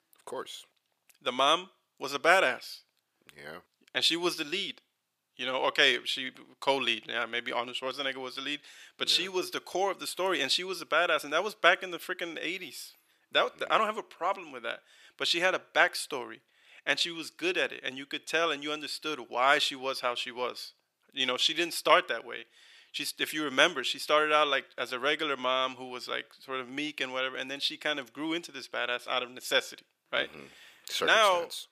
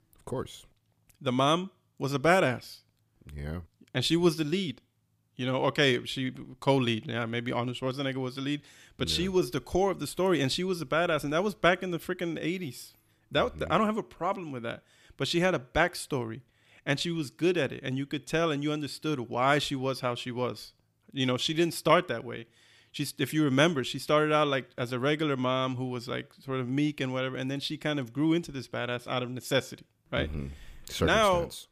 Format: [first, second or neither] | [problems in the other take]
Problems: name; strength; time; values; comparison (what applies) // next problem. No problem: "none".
second | thin; somewhat; fading below 500 Hz